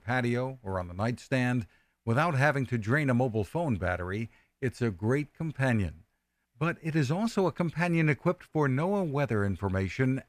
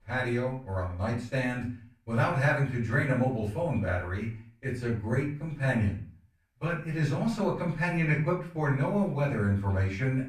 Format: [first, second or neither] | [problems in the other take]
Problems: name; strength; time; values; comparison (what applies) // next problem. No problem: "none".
first | off-mic speech; far // room echo; slight; dies away in 0.4 s